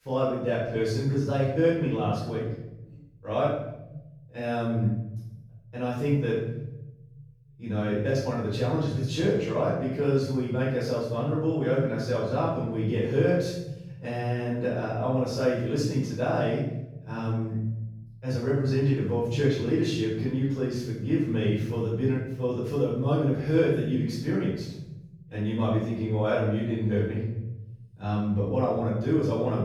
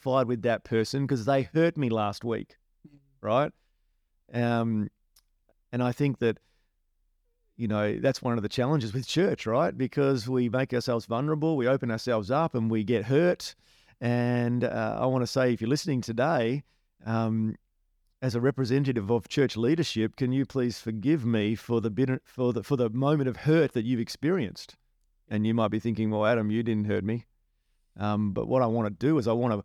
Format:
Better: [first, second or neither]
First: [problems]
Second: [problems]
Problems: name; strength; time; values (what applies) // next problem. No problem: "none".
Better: second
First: off-mic speech; far // room echo; strong; dies away in 1.3 s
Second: none